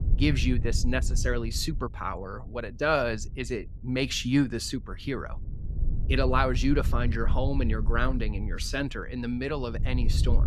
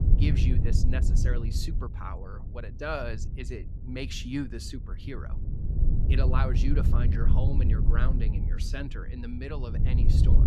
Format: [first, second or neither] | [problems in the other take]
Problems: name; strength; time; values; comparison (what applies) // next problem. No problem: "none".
first | wind noise on the microphone; heavy; 4 dB below the speech; occasional gusts in the first